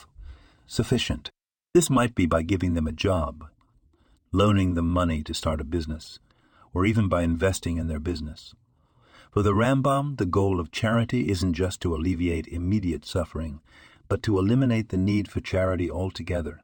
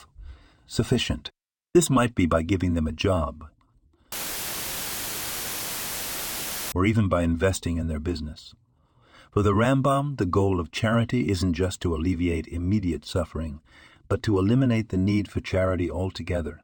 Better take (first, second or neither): first